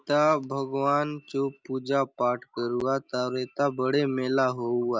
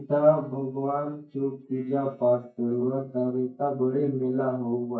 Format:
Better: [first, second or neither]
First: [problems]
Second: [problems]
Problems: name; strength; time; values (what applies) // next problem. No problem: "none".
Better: first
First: none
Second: noise reduction (neural mask model DeepFilterNet 3)